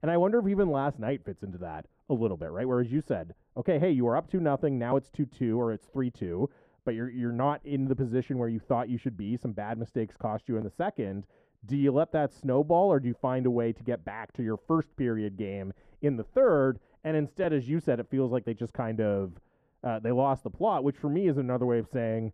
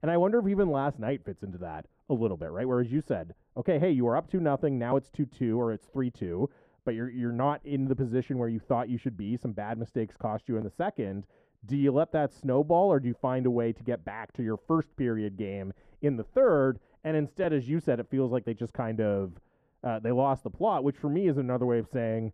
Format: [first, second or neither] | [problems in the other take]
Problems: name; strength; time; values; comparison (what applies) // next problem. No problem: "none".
neither | muffled; very; fading above 1.5 kHz; the same in both